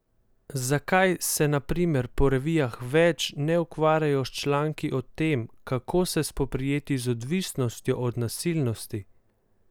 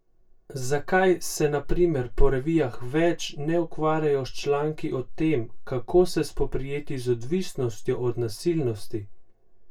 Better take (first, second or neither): first